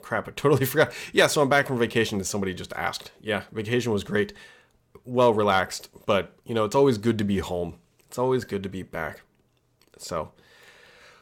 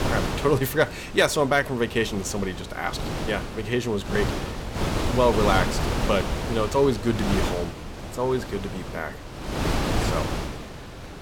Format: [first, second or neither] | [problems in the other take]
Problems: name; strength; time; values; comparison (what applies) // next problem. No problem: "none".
first | wind noise on the microphone; heavy; 6 dB below the speech